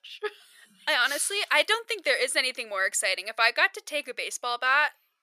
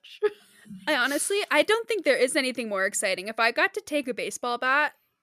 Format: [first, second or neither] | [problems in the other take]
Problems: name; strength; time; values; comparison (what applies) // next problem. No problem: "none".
second | thin; very; fading below 700 Hz